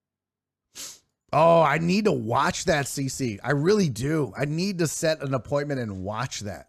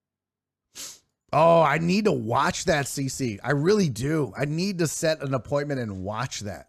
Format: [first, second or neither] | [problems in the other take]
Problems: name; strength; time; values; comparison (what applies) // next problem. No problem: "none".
neither | none